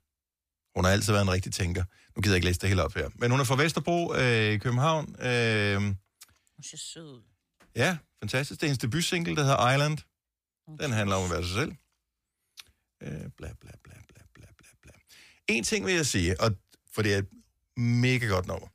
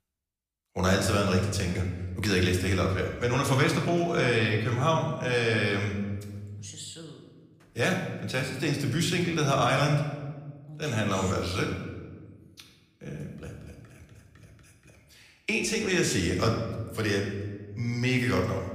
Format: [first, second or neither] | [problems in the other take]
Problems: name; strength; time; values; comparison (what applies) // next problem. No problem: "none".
first | room echo; slight; dies away in 1.1 s // off-mic speech; somewhat distant